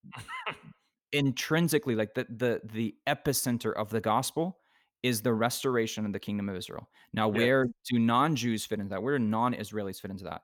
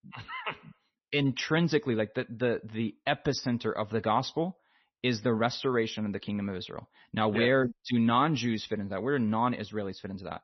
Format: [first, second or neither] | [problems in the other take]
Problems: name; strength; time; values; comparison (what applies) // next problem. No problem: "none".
first | garbled, watery; slightly; nothing above 6 kHz